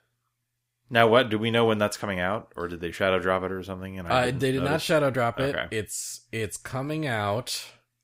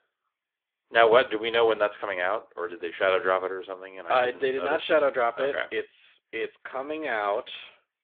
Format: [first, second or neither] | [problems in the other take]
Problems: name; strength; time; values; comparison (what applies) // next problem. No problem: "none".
first | phone-call audio